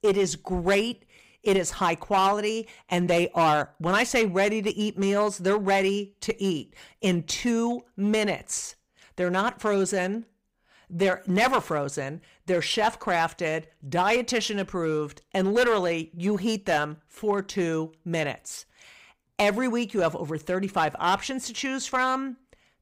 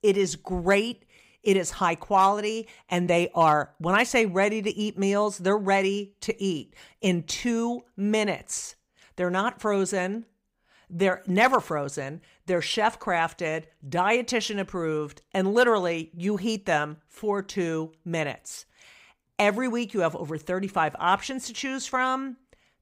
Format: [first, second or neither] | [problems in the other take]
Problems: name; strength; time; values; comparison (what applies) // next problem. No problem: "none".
second | distortion; slight; 4% of the sound clipped